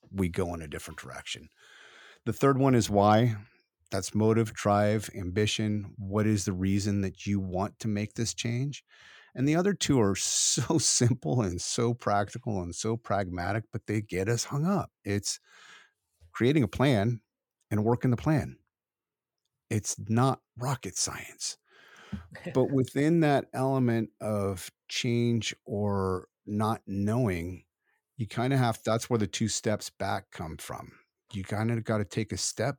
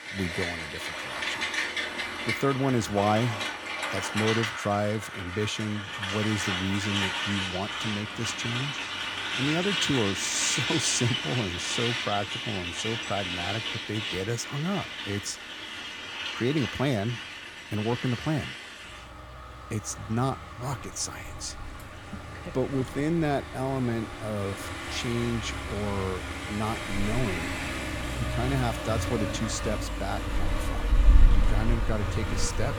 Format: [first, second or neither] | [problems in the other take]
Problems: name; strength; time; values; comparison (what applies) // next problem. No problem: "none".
first | traffic noise; loud; throughout; as loud as the speech